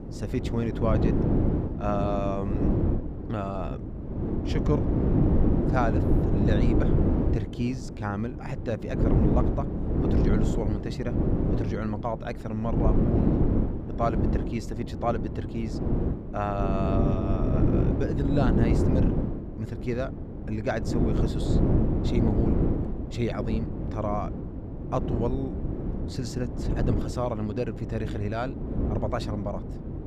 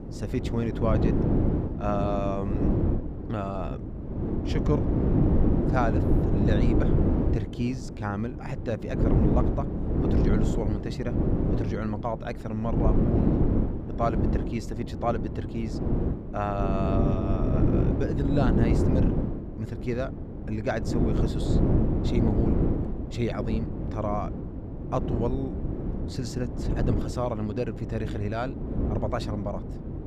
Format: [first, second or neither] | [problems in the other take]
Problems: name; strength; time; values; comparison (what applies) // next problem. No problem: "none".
neither | wind noise on the microphone; heavy; 1 dB below the speech; the same in both